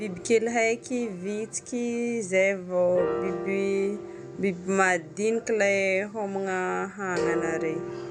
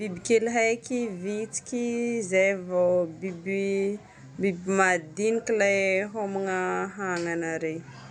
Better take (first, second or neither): second